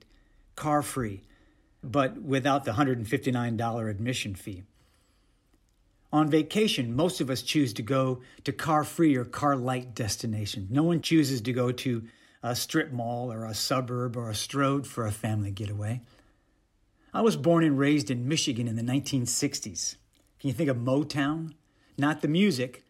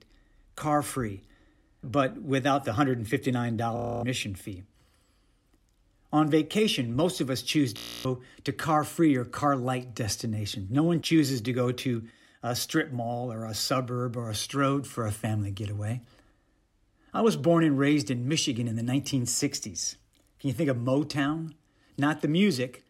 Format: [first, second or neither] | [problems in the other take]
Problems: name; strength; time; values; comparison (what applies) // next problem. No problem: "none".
first | audio freezing; at 4 s and at 8 s